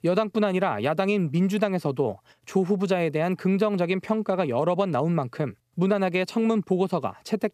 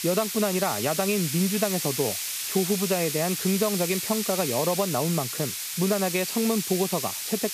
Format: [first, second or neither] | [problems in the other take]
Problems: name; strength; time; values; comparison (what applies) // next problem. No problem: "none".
first | hiss; loud; throughout; 2 dB below the speech